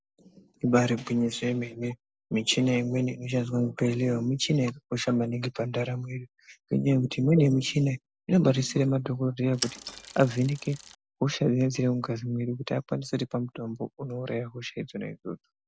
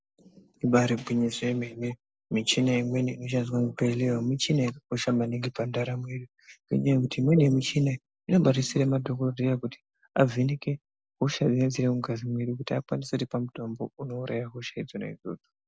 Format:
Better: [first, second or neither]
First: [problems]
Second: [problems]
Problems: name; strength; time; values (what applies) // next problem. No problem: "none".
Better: second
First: background sound (Mechanisms / Bicycle); 12 dB below the speech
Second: none